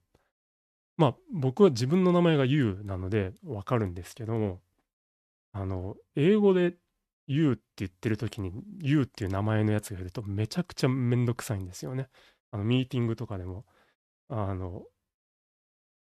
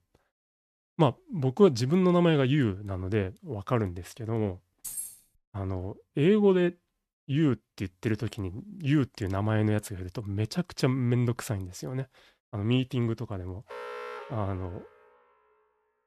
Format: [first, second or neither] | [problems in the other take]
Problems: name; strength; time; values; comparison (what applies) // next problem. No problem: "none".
first | jangling keys; noticeable; at 5 s; peak 7 dB below the speech // alarm; faint; from 14 to 15 s; peak 10 dB below the speech